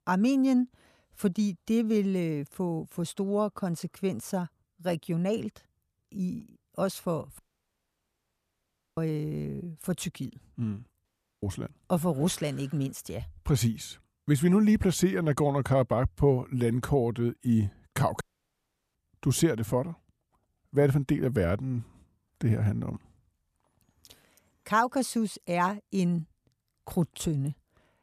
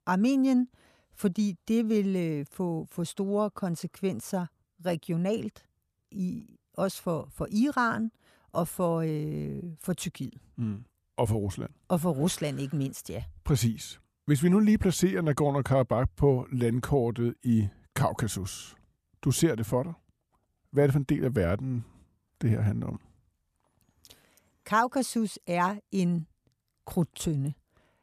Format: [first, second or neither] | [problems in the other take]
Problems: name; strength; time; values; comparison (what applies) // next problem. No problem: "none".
second | audio cutting out; at 7.5 s for 1.5 s, at 11 s and at 18 s for 0.5 s